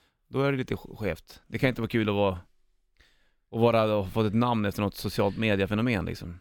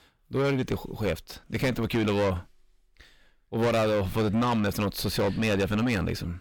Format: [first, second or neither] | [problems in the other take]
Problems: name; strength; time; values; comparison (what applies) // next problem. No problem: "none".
first | distortion; heavy; 6 dB below the speech